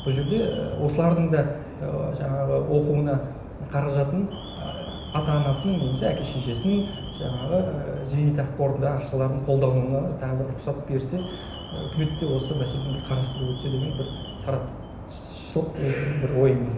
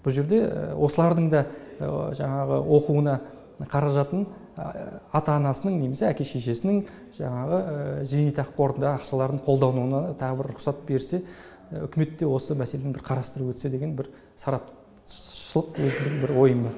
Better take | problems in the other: second | background sound (Alarm); 11 dB below the speech // room echo; dies away in 0.9 s

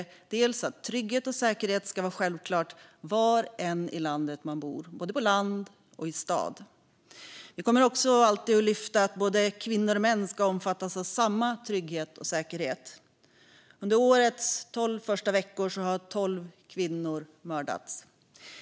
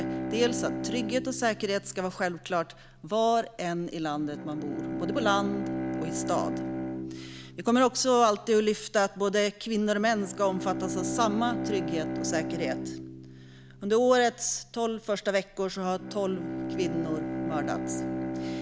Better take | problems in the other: first | background sound (Bowed string instrument); 6 dB below the speech

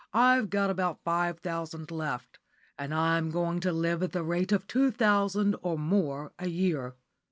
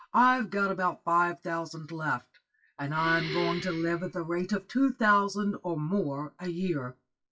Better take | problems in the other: first | noise reduction (classical method WPE with log-MMSE)

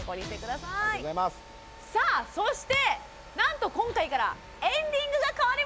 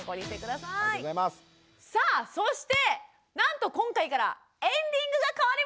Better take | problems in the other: second | background sound (Mechanisms); 16 dB below the speech

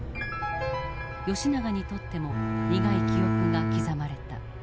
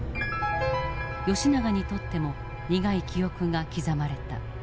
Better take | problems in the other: second | background sound (Bowed string instrument); 4 dB above the speech

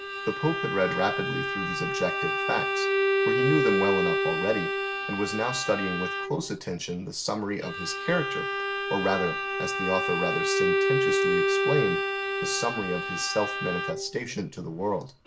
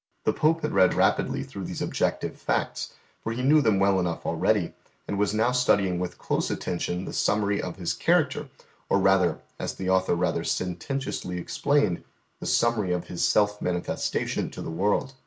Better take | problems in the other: second | background sound (Bowed string instrument); 2 dB above the speech

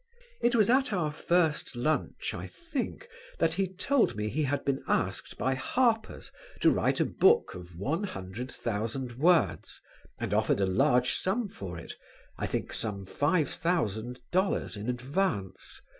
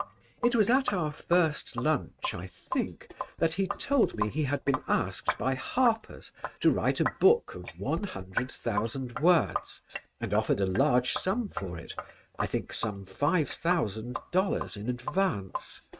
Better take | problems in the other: first | noise reduction (neural mask model RNNoise)

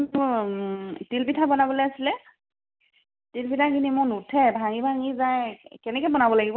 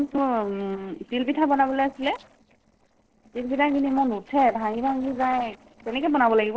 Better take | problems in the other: first | noise reduction (neural separator model SepFormer DNS4)

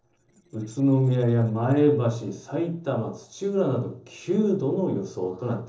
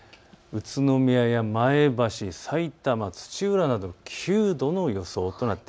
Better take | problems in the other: second | noise reduction (neural separator model SepFormer DNS4)

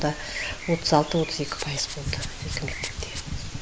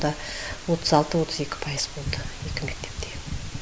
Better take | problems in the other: second | background sound (Bird + Rattle); 12 dB below the speech

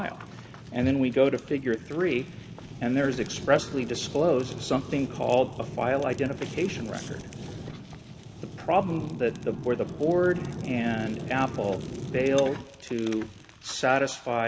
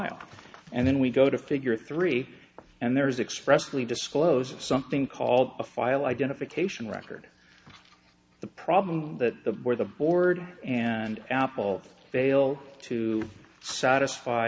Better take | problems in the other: second | background sound (Fire); 11 dB below the speech

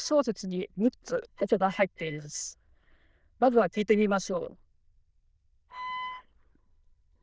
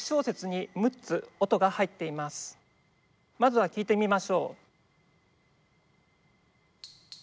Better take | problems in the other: second | noise reduction (neural diffusion model UNIVERSE++)

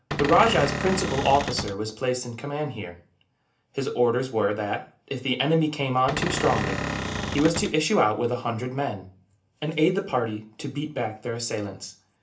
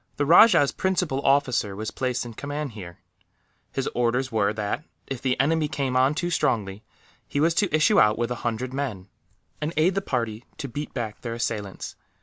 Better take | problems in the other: second | background sound (Cupboard open or close / Door); 3 dB below the speech // room echo; dies away in 0.3 s

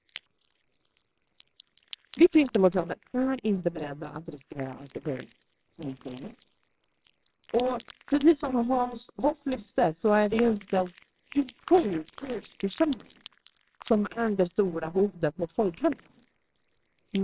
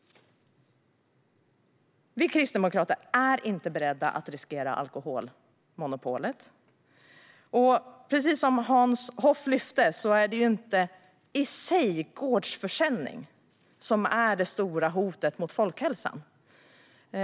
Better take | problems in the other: second | noise reduction (neural separator model SepFormer WHAMR!)

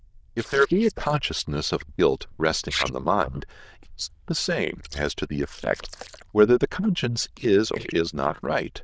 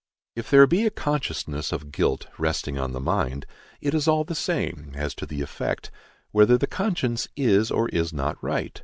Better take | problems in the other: second | noise reduction (neural diffusion model UNIVERSE++)

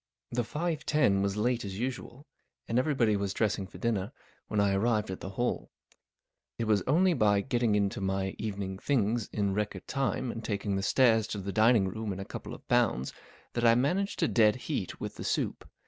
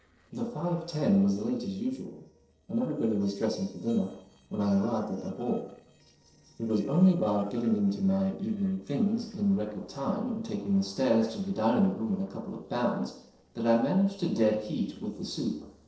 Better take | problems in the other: first | noise reduction (neural separator model SepFormer DNS4)

